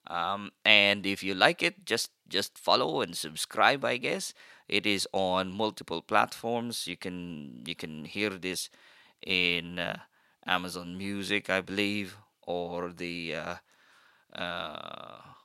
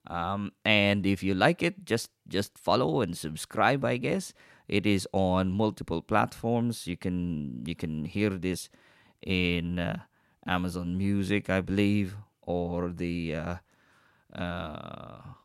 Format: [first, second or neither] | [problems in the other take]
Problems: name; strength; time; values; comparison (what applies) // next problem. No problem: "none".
second | thin; somewhat; fading below 750 Hz